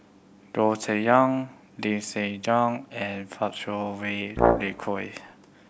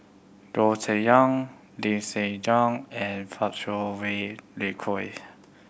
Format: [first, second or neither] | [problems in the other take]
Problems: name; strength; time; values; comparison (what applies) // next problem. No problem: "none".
second | background sound (Brass instrument); 2 dB above the speech